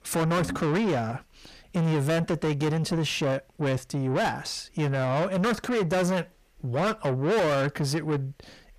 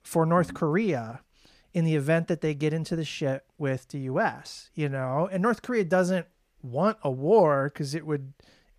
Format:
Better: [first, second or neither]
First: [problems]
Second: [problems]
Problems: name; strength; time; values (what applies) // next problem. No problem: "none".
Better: second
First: distortion; heavy; 6 dB below the speech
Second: none